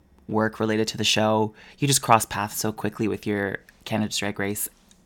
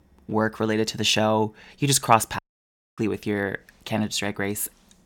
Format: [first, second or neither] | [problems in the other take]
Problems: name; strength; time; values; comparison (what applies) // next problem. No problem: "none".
first | audio cutting out; at 2.5 s for 0.5 s